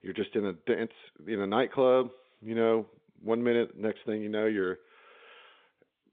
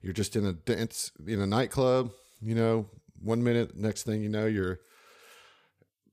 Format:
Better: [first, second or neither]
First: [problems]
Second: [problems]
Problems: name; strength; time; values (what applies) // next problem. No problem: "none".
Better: second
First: phone-call audio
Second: none